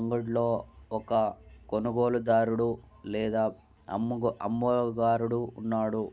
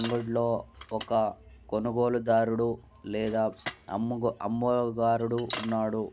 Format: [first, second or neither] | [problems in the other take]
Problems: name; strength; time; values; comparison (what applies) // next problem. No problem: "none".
first | background sound (Bicycle); 17 dB below the speech